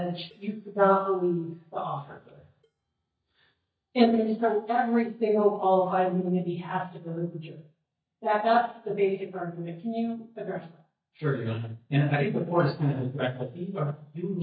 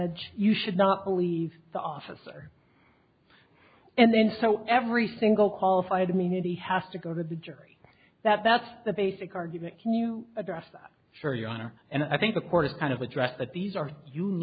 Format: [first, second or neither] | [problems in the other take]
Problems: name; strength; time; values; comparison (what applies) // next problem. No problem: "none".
second | noise reduction (neural mask model DeepFilterNet 3)